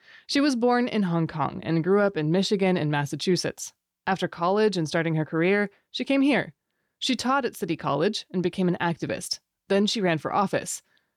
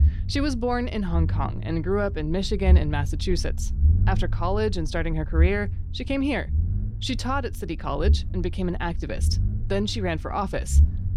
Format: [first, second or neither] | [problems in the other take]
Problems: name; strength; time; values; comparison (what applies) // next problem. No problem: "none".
first | low rumble; noticeable; throughout; 15 dB below the speech